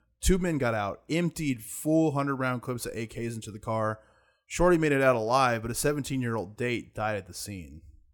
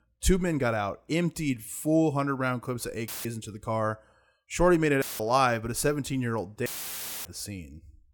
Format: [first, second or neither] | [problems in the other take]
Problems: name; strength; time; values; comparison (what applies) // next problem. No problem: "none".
first | audio cutting out; filled with static; at 3 s, at 5 s and at 6.5 s for 0.5 s